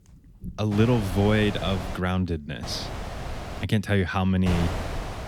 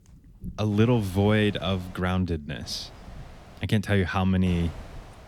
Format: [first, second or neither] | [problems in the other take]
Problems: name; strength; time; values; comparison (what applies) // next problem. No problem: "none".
second | wind noise on the microphone; heavy; from 0.5 to 2 s, from 2.5 to 3.5 s and at 4.5 s; 7 dB below the speech; occasional gusts in the second